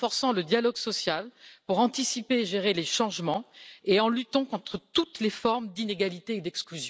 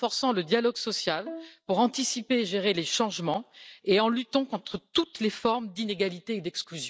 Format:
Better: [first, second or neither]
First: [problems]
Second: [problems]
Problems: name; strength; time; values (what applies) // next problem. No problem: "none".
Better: first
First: none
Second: noise reduction (neural mask model DeepFilterNet 3)